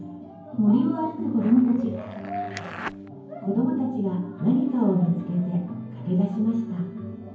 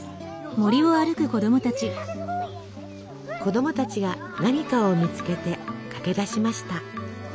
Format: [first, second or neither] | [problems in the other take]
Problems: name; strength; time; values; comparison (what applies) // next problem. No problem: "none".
second | background sound (Zipper (clothing)); 15 dB below the speech // room echo; dies away in 0.9 s